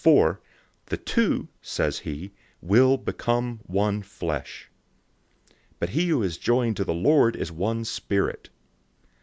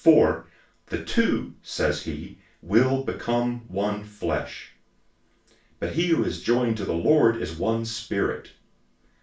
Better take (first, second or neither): first